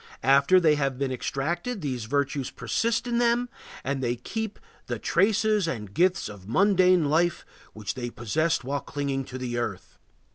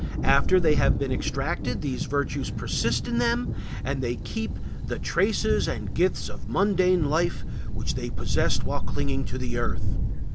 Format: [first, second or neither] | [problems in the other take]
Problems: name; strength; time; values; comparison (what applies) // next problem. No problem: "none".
first | background sound (Thunder); 3 dB above the speech